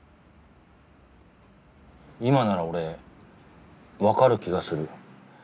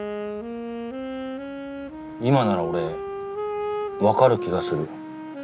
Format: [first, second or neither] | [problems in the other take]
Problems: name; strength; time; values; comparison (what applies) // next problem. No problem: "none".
first | background sound (Wind instrument, woodwind instrument); 5 dB below the speech